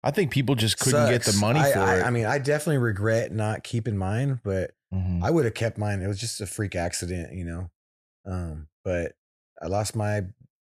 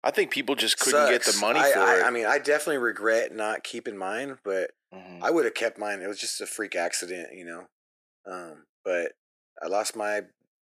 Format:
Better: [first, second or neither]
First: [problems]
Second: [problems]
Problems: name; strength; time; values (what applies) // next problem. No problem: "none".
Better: first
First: none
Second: thin; very; fading below 300 Hz